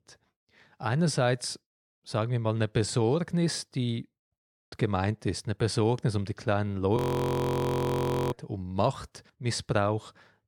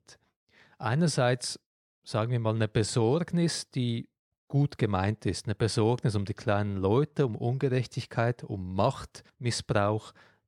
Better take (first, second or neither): second